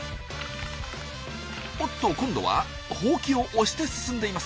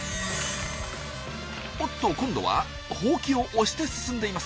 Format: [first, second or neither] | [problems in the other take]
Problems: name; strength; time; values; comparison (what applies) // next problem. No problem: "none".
first | background sound (Plucked string instrument); 11 dB below the speech